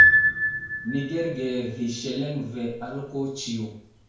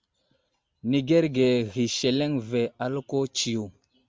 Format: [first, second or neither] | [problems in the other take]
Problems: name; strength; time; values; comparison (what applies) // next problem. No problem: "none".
second | background sound (Piano); 5 dB above the speech // room echo; dies away in 0.5 s